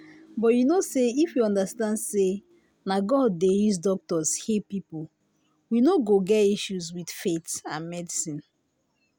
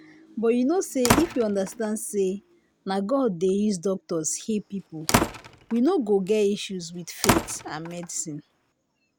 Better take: first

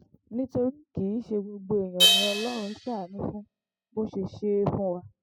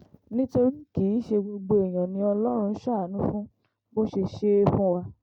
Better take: second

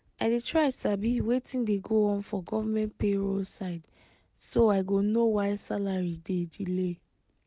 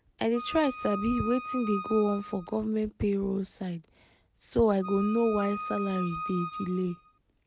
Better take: first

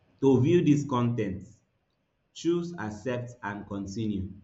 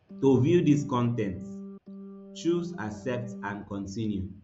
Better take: first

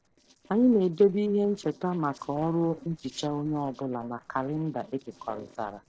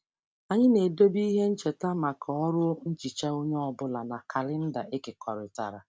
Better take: second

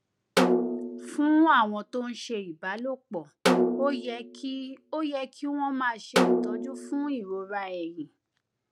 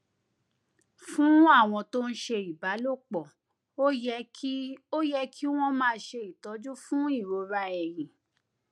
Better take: second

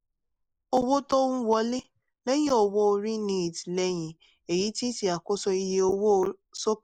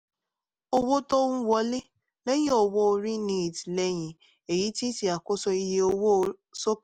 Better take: second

